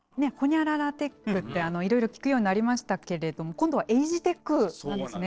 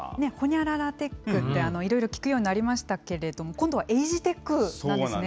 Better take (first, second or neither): second